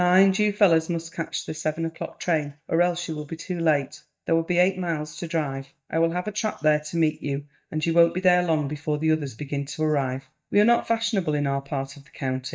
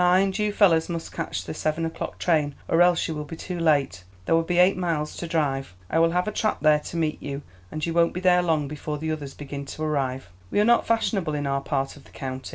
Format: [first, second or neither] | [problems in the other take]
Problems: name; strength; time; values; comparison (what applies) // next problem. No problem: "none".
second | noise reduction (neural mask model DeepFilterNet 3)